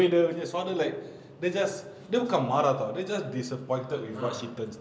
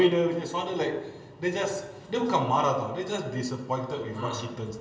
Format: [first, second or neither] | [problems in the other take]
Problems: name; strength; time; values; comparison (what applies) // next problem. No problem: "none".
first | room echo; dies away in 0.9 s